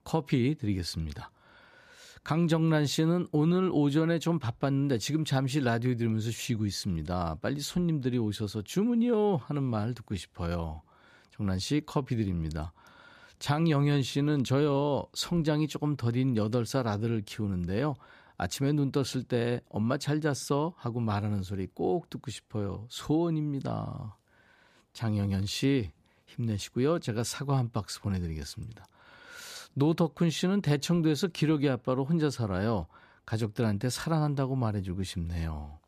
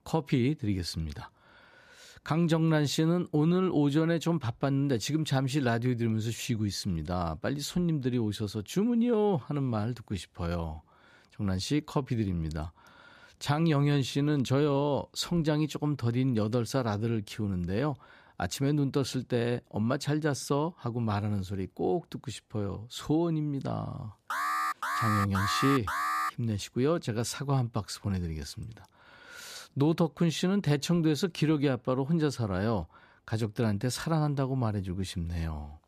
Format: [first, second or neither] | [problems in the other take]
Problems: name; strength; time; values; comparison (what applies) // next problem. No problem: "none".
first | alarm; loud; from 24 to 26 s; peak level with the speech